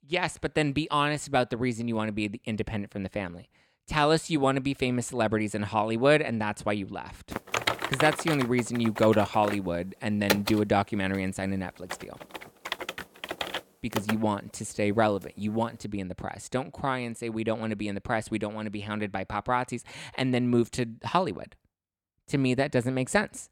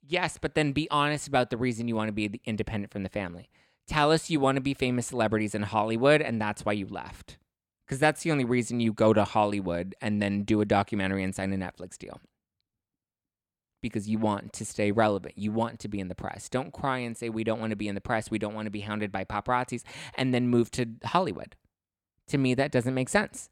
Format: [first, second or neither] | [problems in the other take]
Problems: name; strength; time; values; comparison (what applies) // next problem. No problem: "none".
second | keyboard typing; loud; from 7.5 to 14 s; peak level with the speech